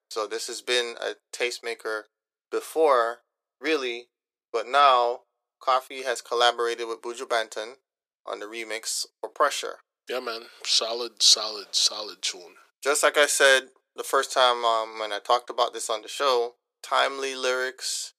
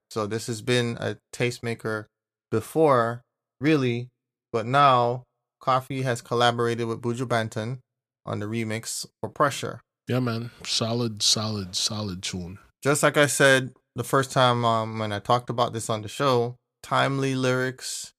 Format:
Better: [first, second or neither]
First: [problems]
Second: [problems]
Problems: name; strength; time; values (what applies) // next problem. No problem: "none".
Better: second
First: thin; very; fading below 400 Hz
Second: none